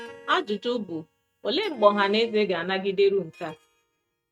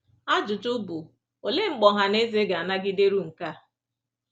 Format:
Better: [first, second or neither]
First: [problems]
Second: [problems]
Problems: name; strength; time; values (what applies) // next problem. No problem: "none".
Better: second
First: noise reduction (neural mask model RNNoise)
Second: none